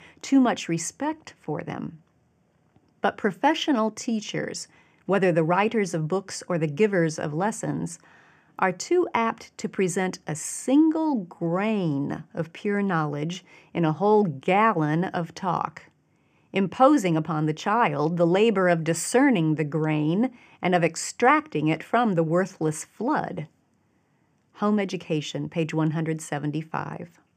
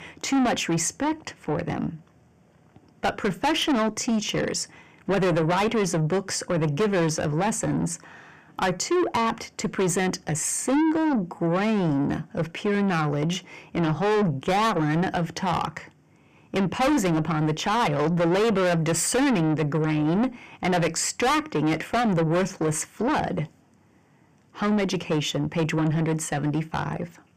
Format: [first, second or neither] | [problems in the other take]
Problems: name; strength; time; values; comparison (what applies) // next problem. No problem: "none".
first | distortion; heavy; 6 dB below the speech